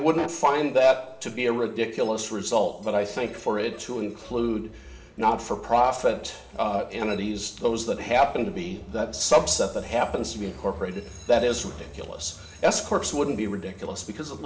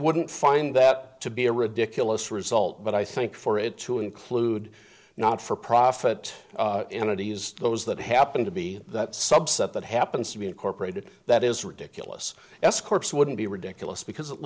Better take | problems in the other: second | background sound (Train); 18 dB below the speech // room echo; dies away in 1.7 s

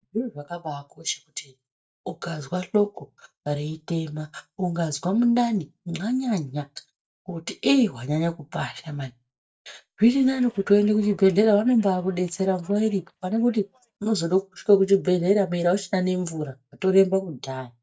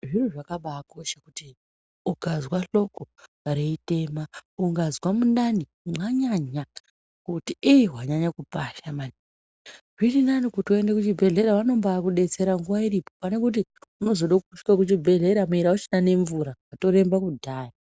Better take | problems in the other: second | noise reduction (neural mask model DeepFilterNet 3)

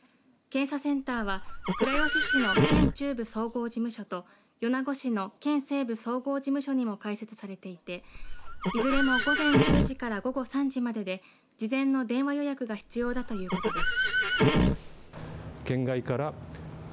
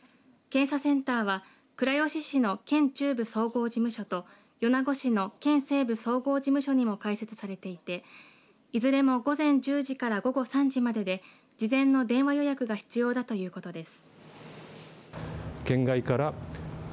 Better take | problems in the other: second | background sound (Livestock, farm animals, working animals); 3 dB above the speech

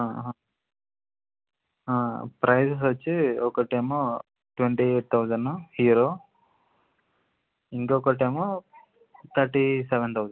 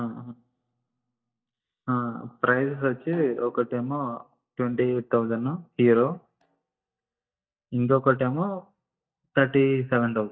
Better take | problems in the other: first | noise reduction (neural mask model DeepFilterNet 3)

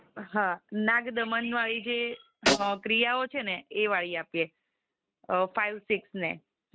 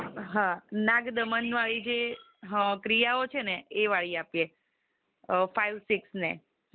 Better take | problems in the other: second | noise reduction (neural mask model RNNoise)

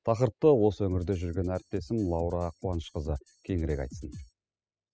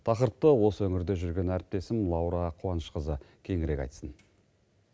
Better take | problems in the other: second | noise reduction (classical method spectral subtraction)

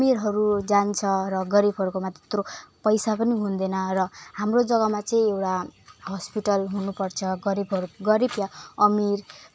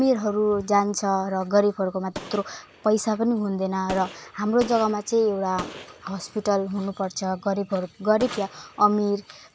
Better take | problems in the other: first | background sound (Gunshot, gunfire); 19 dB below the speech

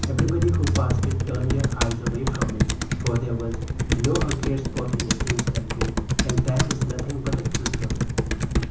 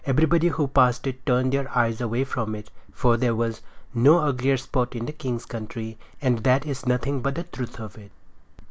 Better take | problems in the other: second | background sound (Computer keyboard); 4 dB above the speech // room echo; dies away in 0.7 s

